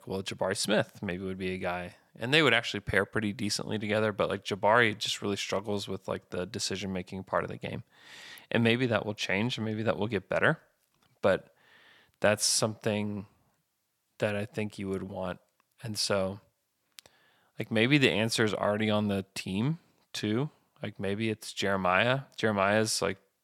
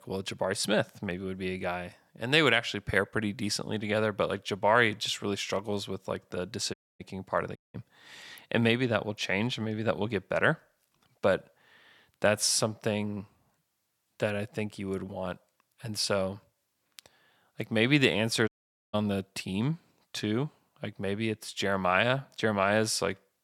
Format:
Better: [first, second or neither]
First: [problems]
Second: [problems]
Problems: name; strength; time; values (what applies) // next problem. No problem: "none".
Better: first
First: none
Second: audio cutting out; at 6.5 s, at 7.5 s and at 18 s